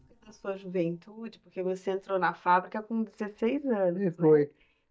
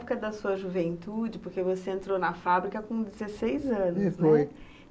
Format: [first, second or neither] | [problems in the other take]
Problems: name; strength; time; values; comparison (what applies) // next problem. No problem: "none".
second | noise reduction (neural mask model DeepFilterNet 3)